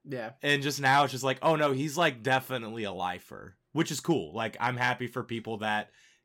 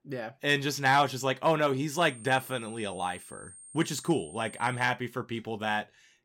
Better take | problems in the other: first | high-pitched whine; noticeable; from 2 to 5 s; 8.5 kHz, 20 dB below the speech

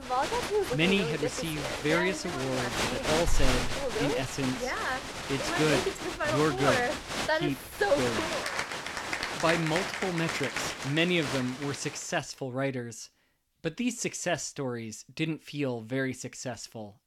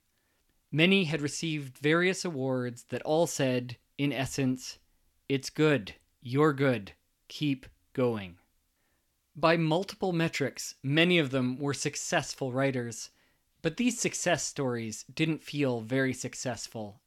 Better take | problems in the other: second | crowd noise; very loud; until 12 s; 1 dB above the speech

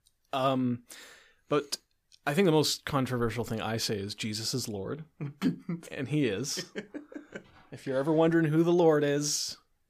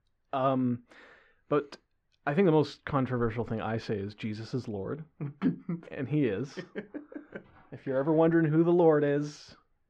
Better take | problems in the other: first | muffled; very; fading above 2 kHz

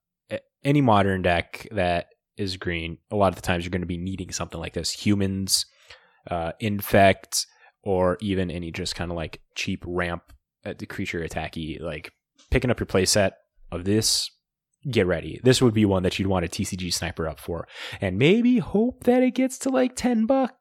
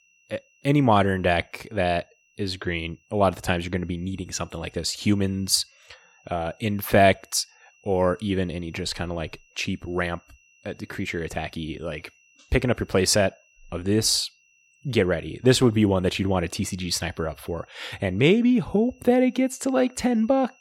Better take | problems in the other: first | high-pitched whine; faint; throughout; 2.5 kHz, 35 dB below the speech

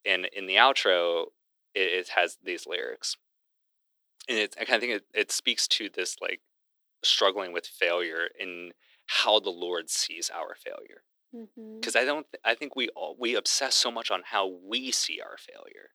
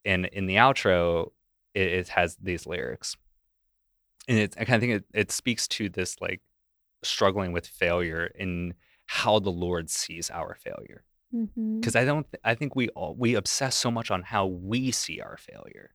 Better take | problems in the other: second | thin; somewhat; fading below 300 Hz

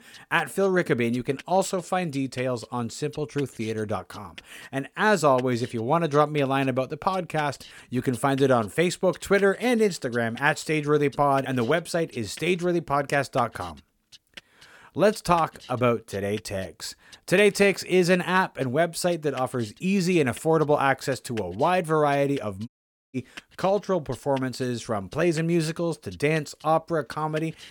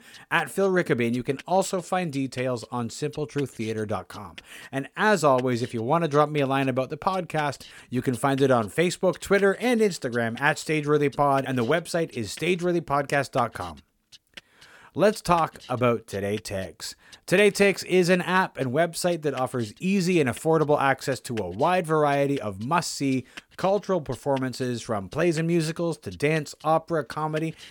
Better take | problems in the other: second | audio cutting out; at 23 s

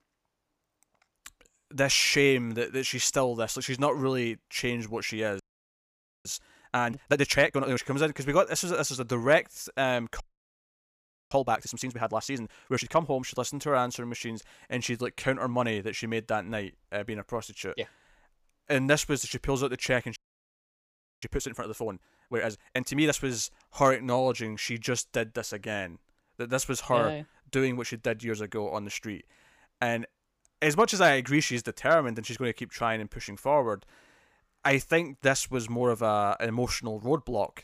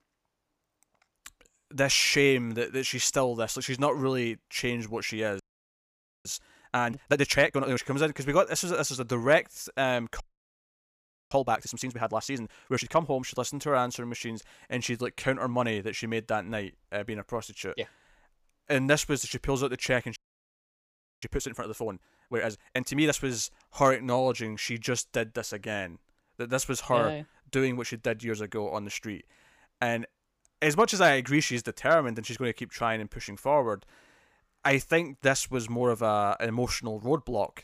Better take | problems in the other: neither | audio freezing; at 5.5 s for 1 s, at 10 s for 1 s and at 20 s for 1 s; the same in both

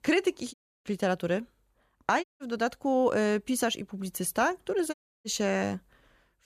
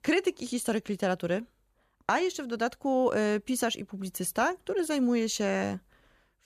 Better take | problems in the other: second | audio cutting out; at 0.5 s, at 2 s and at 5 s

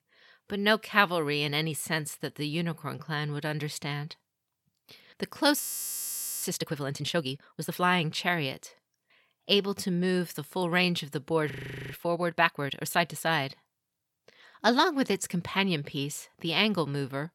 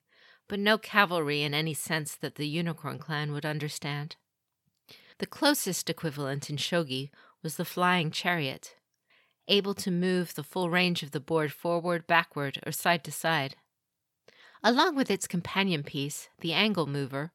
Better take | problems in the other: second | audio freezing; at 5.5 s for 1 s and at 12 s

